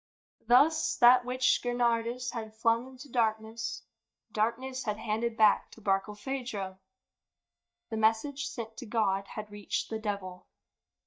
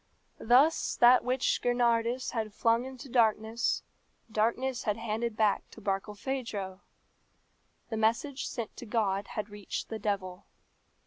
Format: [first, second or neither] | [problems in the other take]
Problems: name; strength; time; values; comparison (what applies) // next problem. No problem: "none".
second | noise reduction (neural mask model DeepFilterNet 3)